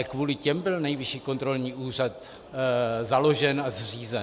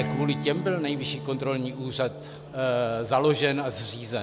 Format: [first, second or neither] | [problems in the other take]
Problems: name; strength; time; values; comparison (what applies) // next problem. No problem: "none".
first | background sound (Strum); 9 dB below the speech